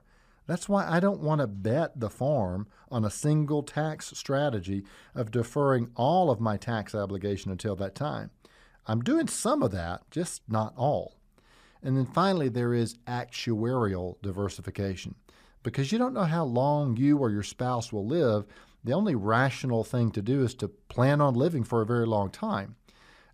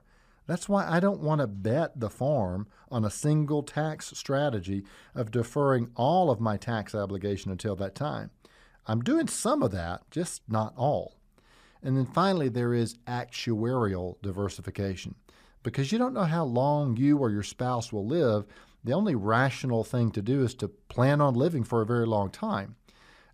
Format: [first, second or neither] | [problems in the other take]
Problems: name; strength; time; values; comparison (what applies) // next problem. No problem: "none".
neither | none